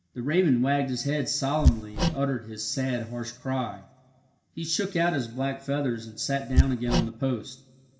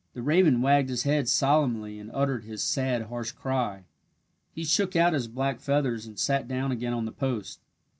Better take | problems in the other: second | background sound (Hammer); 2 dB above the speech // room echo; dies away in 1.7 s

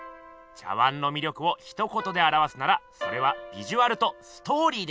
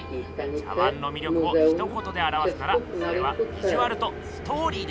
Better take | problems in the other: first | background sound (Subway, metro, underground); 2 dB above the speech

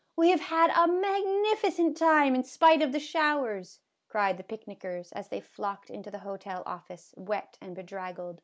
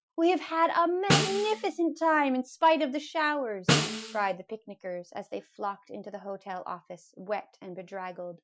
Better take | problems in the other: first | noise reduction (classical method Wiener filter)

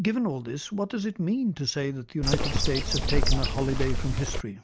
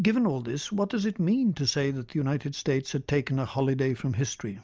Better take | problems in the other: second | background sound (Bird); 4 dB above the speech

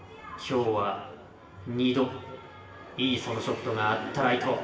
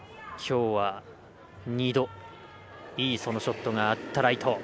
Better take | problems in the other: second | room echo; dies away in 1 s

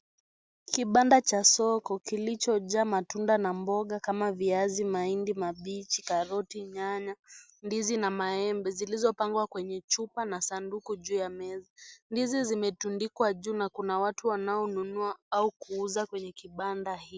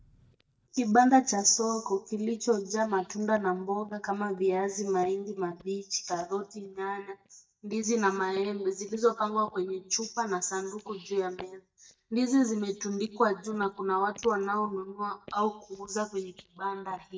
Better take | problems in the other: first | noise reduction (neural mask model DeepFilterNet 3)

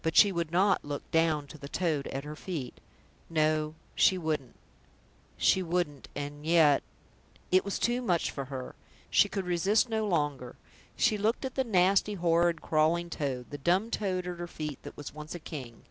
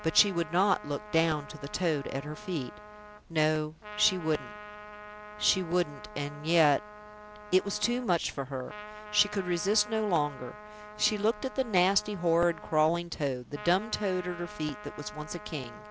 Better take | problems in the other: first | background sound (Trumpet); 15 dB below the speech

